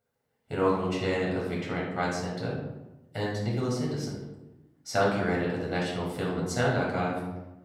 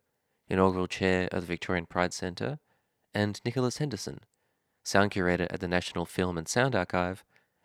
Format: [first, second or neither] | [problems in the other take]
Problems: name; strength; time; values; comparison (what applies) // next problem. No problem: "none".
second | off-mic speech; far // room echo; noticeable; dies away in 0.9 s